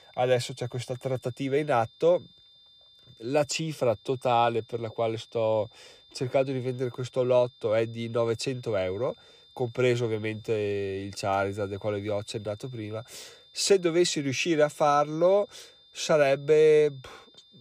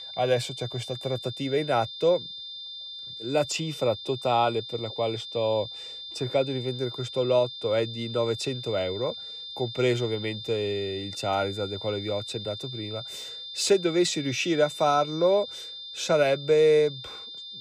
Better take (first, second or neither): first